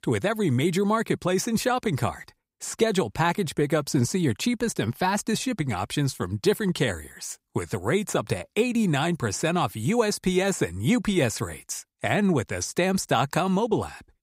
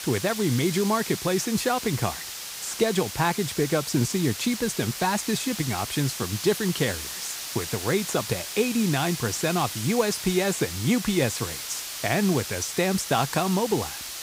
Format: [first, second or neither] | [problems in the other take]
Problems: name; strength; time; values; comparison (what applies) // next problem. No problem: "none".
first | hiss; loud; throughout; 6 dB below the speech